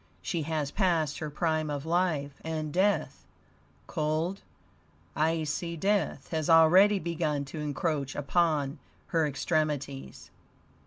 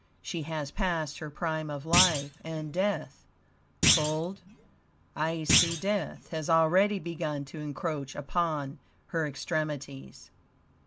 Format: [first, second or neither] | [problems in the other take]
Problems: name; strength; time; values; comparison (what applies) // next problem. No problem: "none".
first | background sound (Thump, thud); as loud as the speech